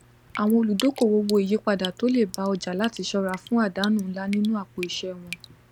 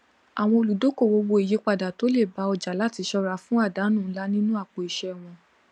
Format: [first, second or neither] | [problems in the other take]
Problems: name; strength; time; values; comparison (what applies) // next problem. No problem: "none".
second | background sound (Drip); 17 dB below the speech